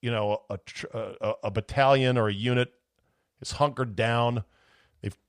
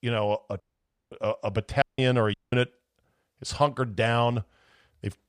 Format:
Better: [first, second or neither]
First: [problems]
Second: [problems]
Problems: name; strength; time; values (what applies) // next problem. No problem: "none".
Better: first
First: none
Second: audio cutting out; at 0.5 s for 0.5 s, at 2 s and at 2.5 s